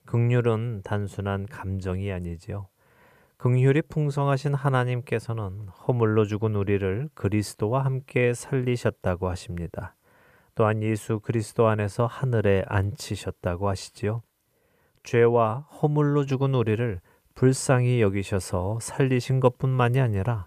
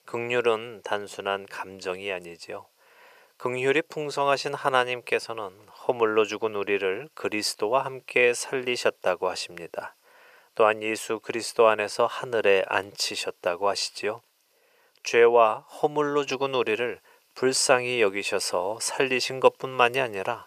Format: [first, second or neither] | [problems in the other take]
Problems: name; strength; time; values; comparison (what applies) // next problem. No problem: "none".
first | thin; very; fading below 550 Hz